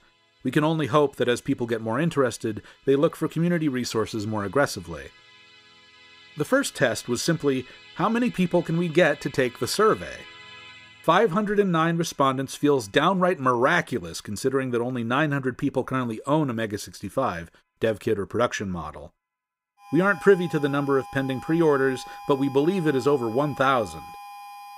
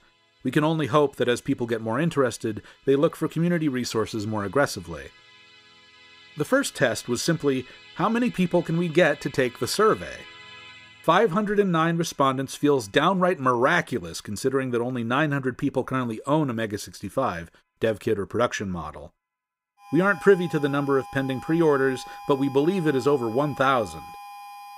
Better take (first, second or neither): neither